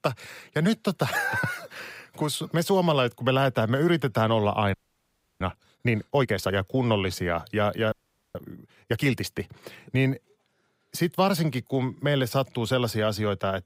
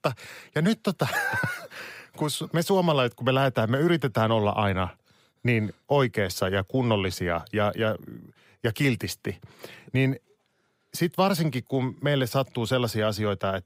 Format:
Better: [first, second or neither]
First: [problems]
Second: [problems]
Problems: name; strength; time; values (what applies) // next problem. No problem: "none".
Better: second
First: audio freezing; at 4.5 s for 0.5 s and at 8 s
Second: none